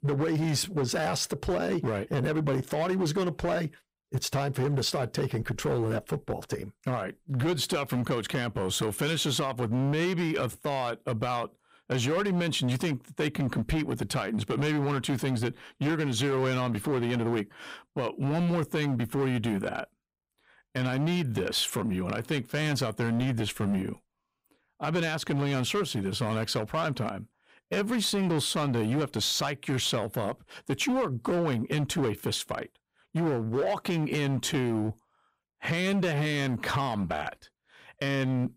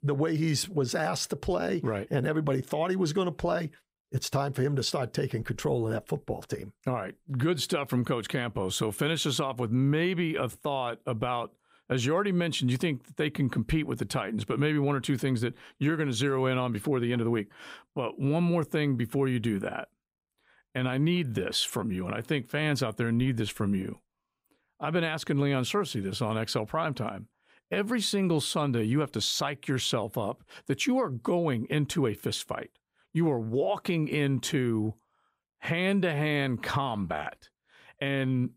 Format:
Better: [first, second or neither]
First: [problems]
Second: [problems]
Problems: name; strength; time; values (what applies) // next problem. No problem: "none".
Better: second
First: distortion; slight; 14% of the sound clipped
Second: none